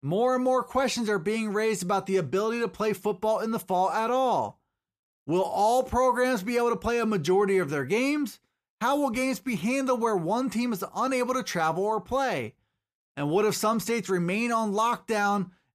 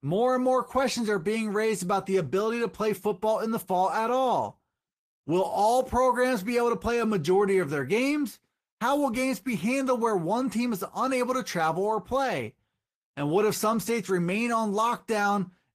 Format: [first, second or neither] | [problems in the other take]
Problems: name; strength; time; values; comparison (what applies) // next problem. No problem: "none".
first | garbled, watery; slightly; nothing above 14.5 kHz